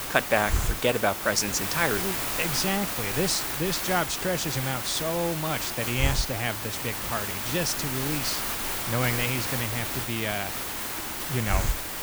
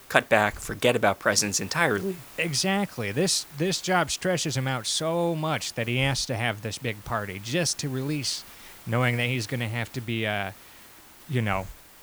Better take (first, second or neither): second